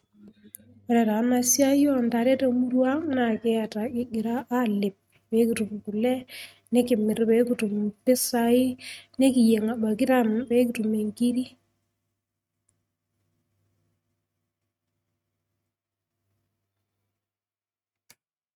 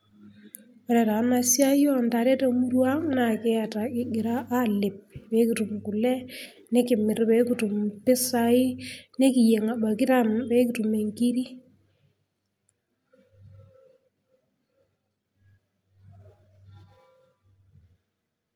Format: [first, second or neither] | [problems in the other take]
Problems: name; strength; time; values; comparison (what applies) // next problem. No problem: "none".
second | noise reduction (neural mask model RNNoise)